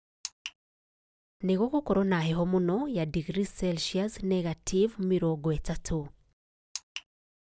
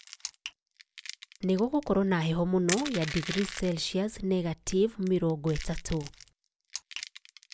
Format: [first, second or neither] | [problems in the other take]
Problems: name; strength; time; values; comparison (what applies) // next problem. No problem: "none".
first | background sound (Crushing); 13 dB below the speech